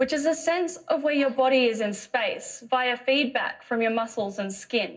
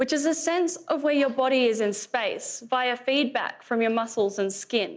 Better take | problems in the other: second | room echo; dies away in 0.4 s

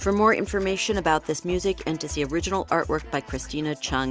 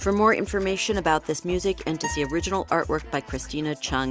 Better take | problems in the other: first | background sound (Acoustic guitar); 14 dB below the speech

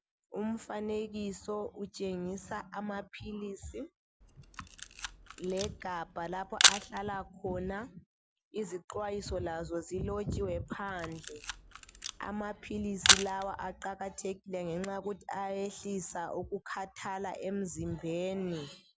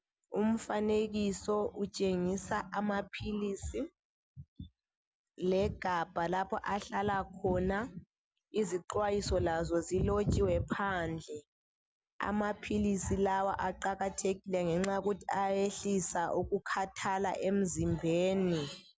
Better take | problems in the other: second | background sound (Camera); 5 dB above the speech

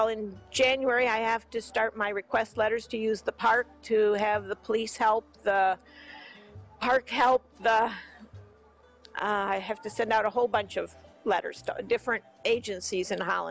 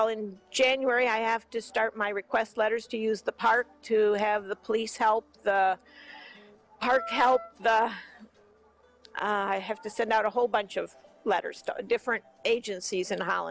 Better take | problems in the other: first | noise reduction (neural separator model SepFormer DNS4)

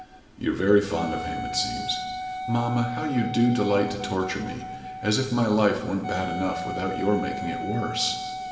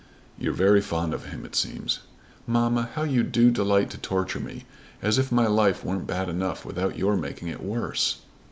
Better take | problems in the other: second | background sound (Wind instrument, woodwind instrument); 8 dB below the speech // room echo; dies away in 2.3 s

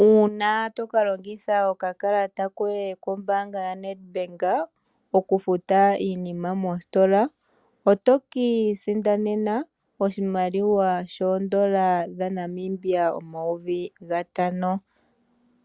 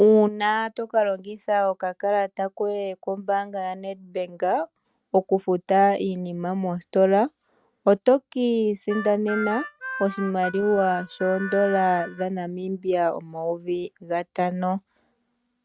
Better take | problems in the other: first | noise reduction (neural mask model RNNoise)

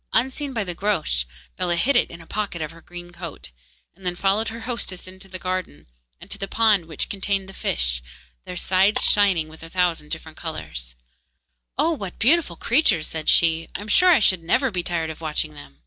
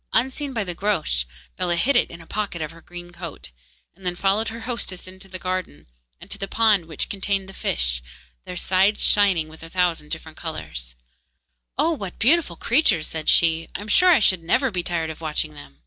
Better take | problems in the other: second | background sound (Shatter); 16 dB below the speech

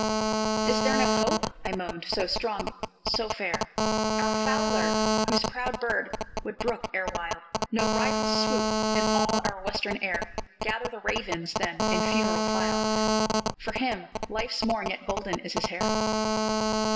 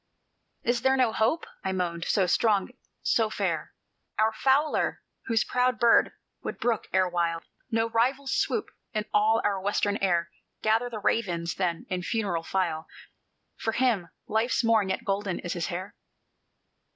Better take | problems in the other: second | background sound (Telephone); 4 dB above the speech // room echo; dies away in 1.3 s

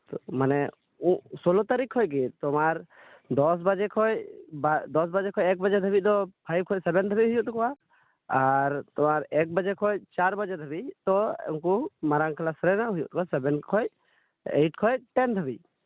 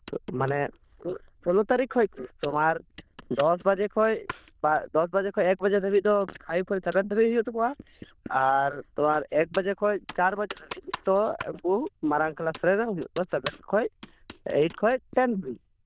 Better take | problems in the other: first | noise reduction (neural diffusion model UNIVERSE++)

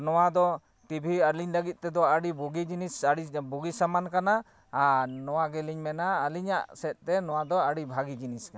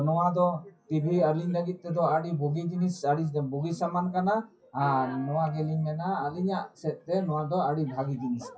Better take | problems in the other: first | noise reduction (classical method WPE with log-MMSE)

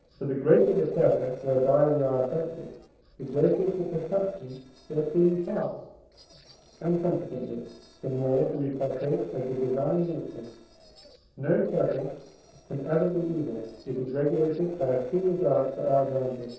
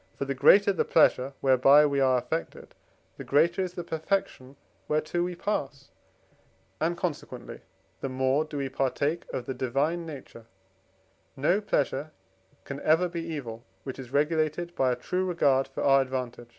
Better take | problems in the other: second | noise reduction (neural separator model SepFormer DNS4)

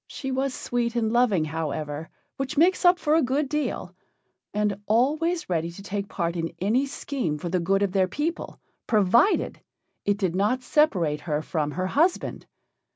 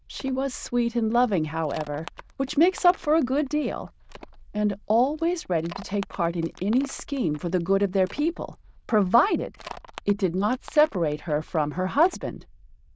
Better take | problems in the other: first | noise reduction (neural diffusion model UNIVERSE++)

